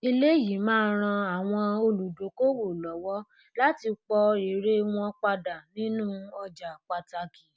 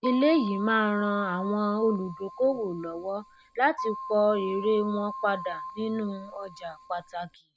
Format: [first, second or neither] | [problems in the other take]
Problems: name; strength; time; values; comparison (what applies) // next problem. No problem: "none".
first | background sound (Keyboard (musical)); 11 dB below the speech